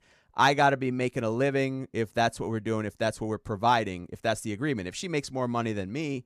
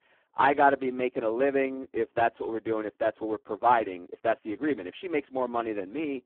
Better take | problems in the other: first | phone-call audio; poor line

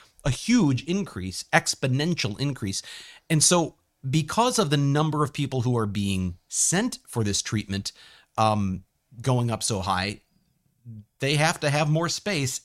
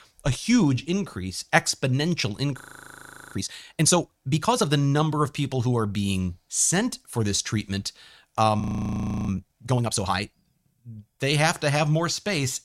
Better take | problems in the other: first | audio freezing; at 2.5 s for 0.5 s and at 8.5 s for 0.5 s

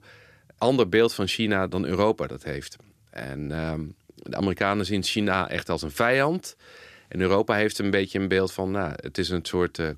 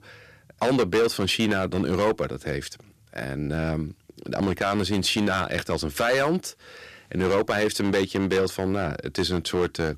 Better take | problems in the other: first | distortion; heavy; 7% of the sound clipped

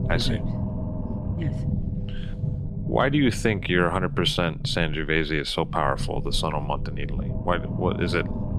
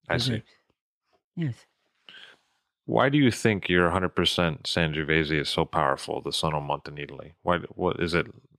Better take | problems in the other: second | low rumble; noticeable; throughout; 15 dB below the speech

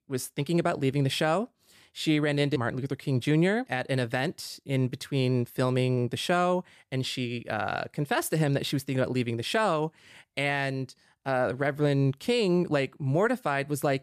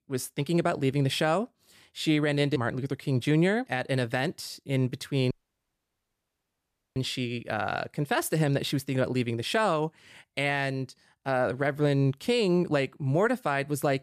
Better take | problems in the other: first | audio cutting out; at 5.5 s for 1.5 s

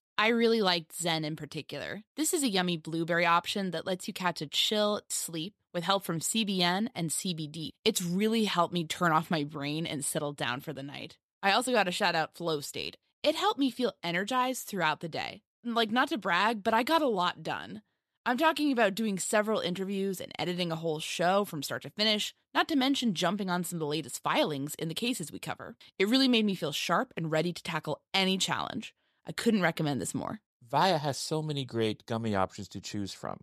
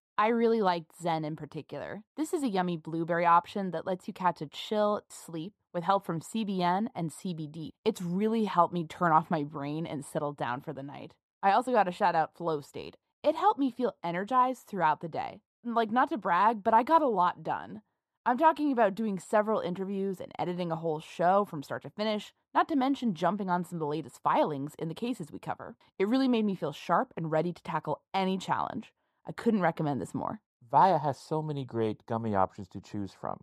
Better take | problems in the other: first | muffled; very; fading above 2 kHz

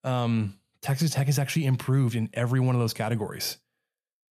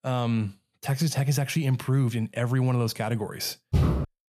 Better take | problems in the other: first | footsteps; loud; at 3.5 s; peak 2 dB above the speech

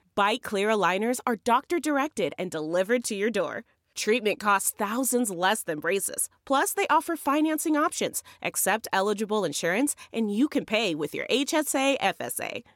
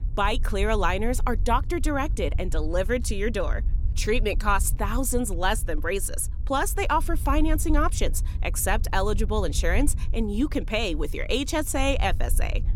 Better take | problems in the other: first | low rumble; faint; throughout; 25 dB below the speech

